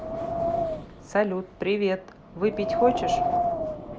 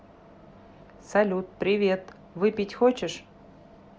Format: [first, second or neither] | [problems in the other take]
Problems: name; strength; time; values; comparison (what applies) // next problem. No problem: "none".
second | background sound (Wind); as loud as the speech